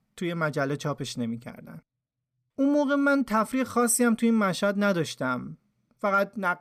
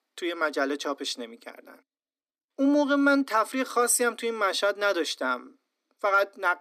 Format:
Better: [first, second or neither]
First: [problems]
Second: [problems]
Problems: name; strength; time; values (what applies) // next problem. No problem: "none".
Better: first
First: none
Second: thin; very slightly; fading below 250 Hz